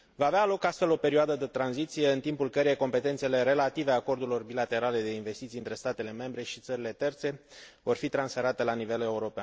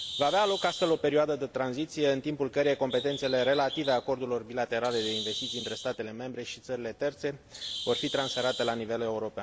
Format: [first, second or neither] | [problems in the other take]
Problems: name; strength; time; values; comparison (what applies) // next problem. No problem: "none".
first | background sound (Bird); 11 dB below the speech